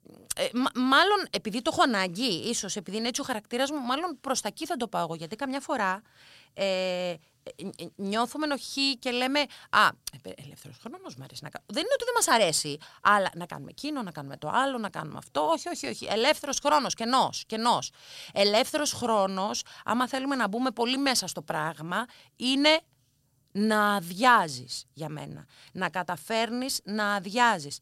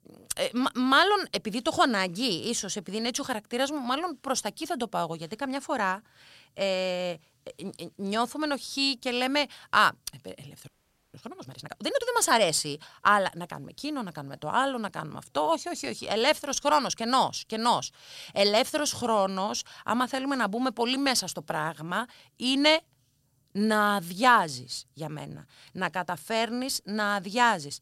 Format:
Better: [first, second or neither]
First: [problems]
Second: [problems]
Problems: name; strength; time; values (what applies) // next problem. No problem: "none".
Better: first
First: none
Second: audio freezing; at 11 s